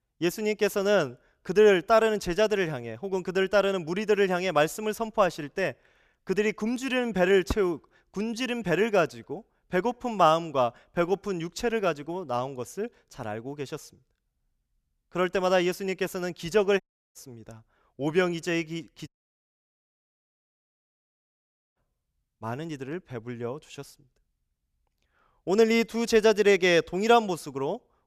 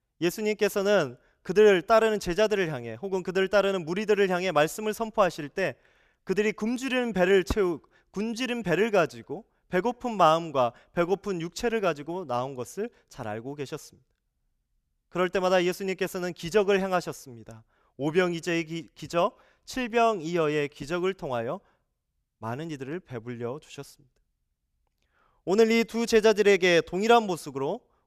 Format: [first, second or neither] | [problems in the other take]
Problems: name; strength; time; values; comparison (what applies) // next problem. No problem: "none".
second | audio cutting out; at 17 s and at 19 s for 2.5 s